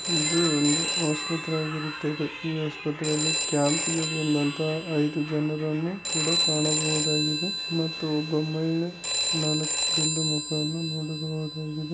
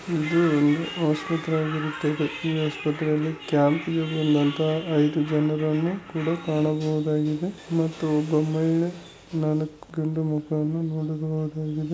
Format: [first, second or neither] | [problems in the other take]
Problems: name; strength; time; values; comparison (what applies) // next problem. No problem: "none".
second | background sound (Telephone); 2 dB below the speech